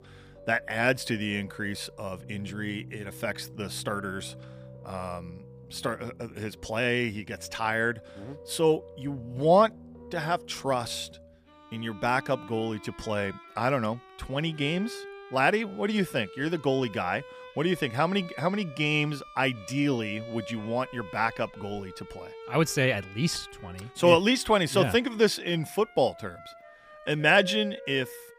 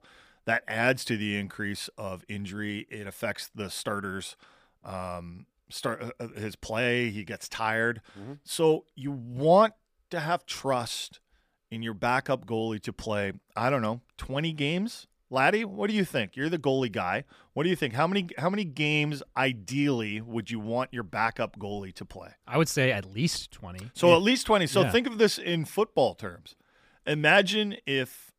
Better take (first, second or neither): second